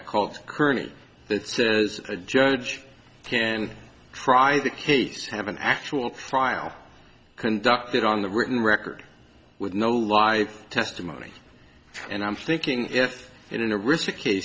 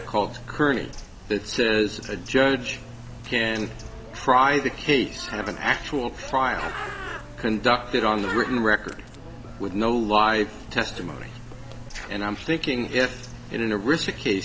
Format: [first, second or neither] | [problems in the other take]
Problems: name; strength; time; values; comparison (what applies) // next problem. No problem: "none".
first | background sound (Bird); 13 dB below the speech